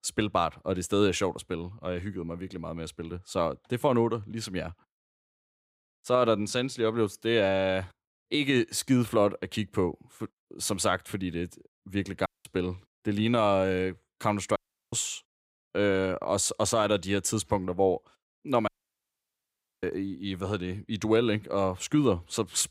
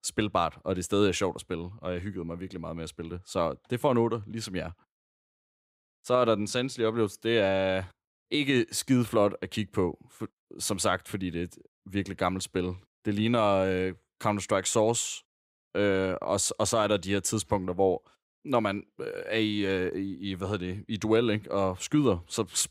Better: second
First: audio cutting out; at 12 s, at 15 s and at 19 s for 1 s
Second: none

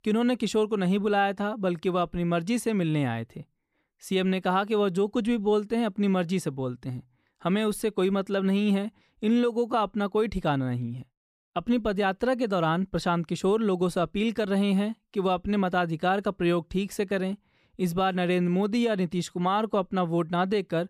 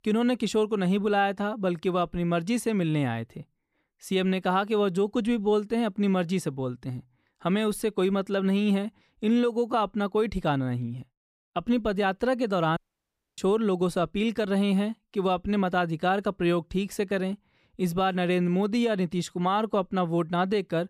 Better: first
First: none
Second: audio cutting out; at 13 s for 0.5 s

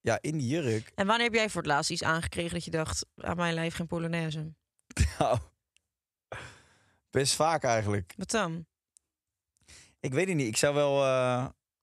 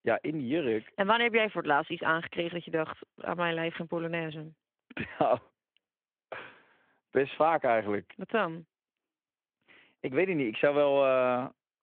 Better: first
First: none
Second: phone-call audio

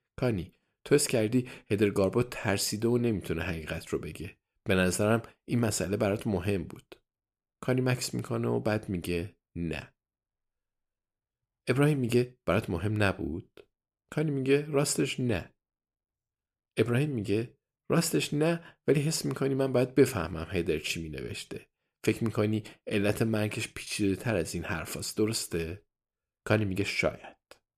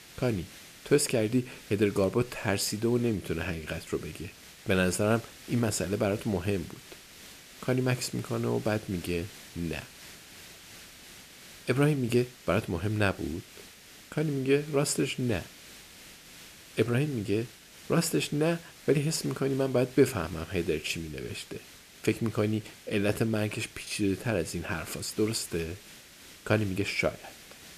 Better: first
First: none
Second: hiss; noticeable; throughout; 20 dB below the speech

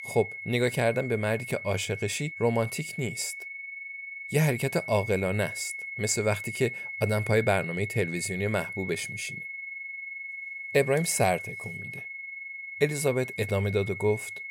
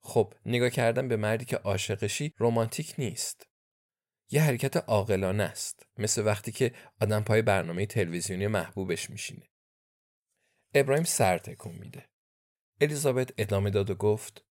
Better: second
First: high-pitched whine; loud; throughout; 2 kHz, 8 dB below the speech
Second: none

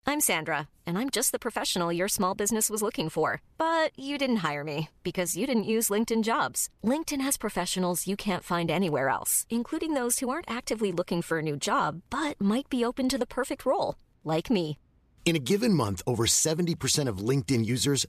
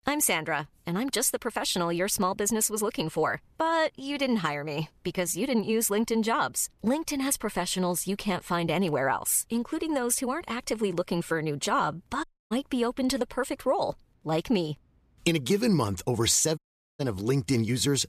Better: first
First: none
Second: audio cutting out; at 12 s and at 17 s

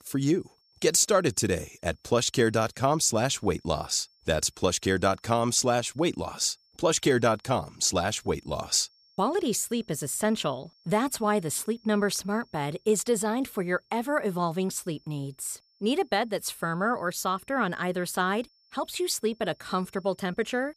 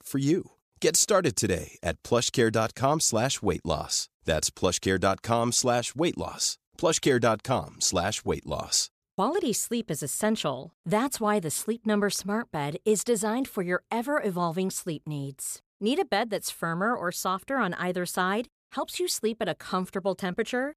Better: second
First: high-pitched whine; faint; throughout; 5.5 kHz, 35 dB below the speech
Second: none

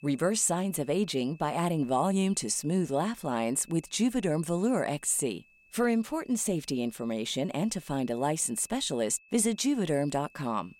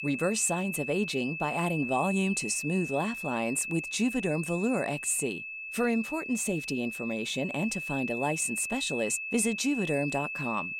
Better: first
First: high-pitched whine; faint; throughout; 2.5 kHz, 30 dB below the speech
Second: high-pitched whine; loud; throughout; 2.5 kHz, 5 dB below the speech

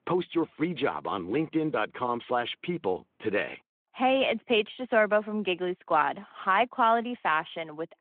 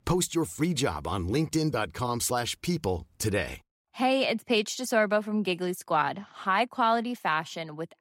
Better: second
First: phone-call audio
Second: none

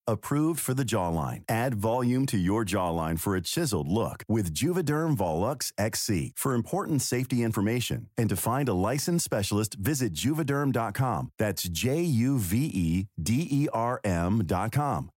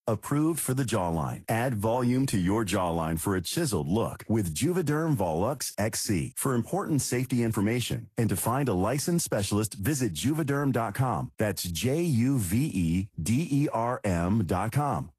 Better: first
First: none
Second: garbled, watery; slightly; nothing above 13 kHz

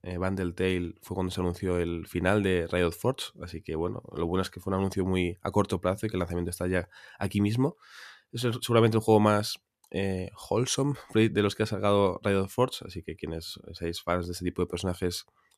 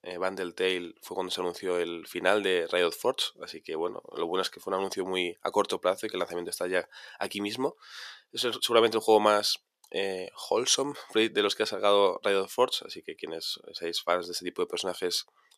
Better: first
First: none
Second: thin; somewhat; fading below 500 Hz

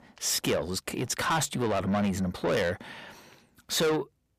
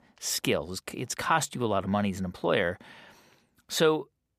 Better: second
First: distortion; heavy; 7 dB below the speech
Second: none

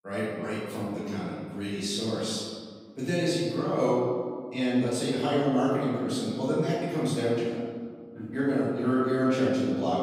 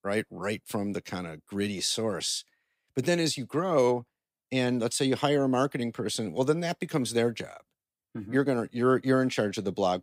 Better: second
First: off-mic speech; far // room echo; strong; dies away in 1.8 s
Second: none

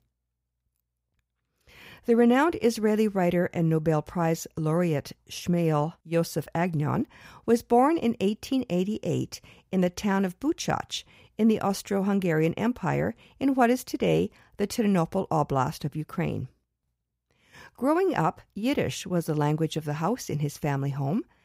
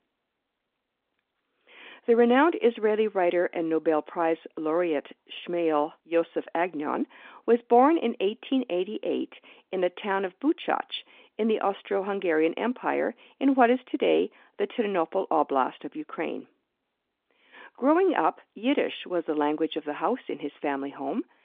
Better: first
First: none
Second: phone-call audio

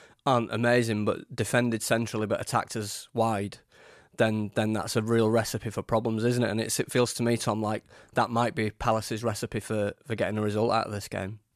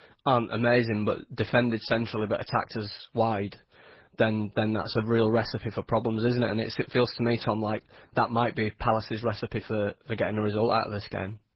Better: first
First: none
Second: garbled, watery; badly; nothing above 5.5 kHz

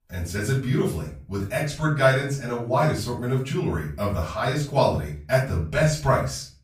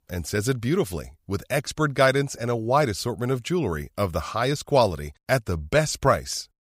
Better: second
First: off-mic speech; far // room echo; slight; dies away in 0.4 s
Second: none

